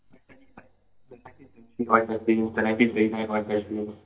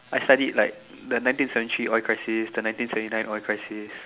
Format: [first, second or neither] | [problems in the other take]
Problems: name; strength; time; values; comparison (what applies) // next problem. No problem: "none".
second | noise reduction (neural mask model DeepFilterNet 3)